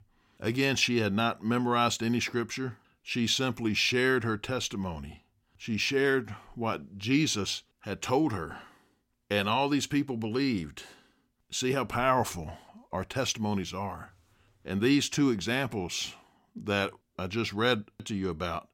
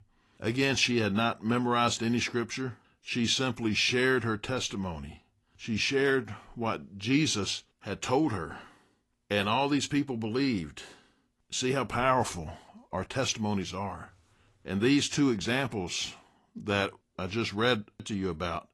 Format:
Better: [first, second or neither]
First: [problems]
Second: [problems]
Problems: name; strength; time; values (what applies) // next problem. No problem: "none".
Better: first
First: none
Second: garbled, watery; slightly; nothing above 12 kHz